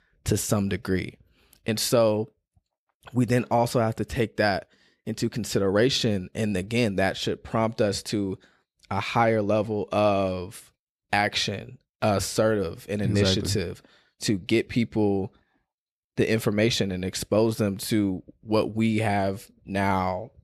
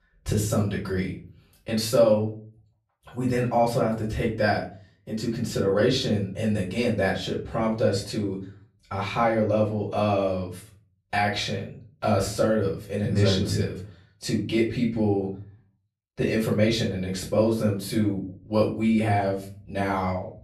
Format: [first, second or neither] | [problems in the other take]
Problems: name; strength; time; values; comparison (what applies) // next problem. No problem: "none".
first | off-mic speech; far // room echo; slight; dies away in 0.4 s